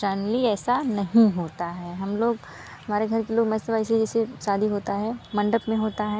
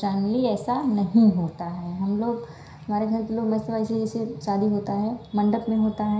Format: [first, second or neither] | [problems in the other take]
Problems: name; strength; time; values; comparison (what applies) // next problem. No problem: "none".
first | room echo; dies away in 0.5 s